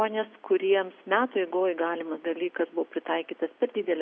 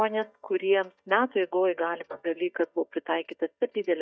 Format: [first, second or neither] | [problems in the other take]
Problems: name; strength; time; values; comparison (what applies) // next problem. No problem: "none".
first | noise reduction (neural mask model DeepFilterNet 3)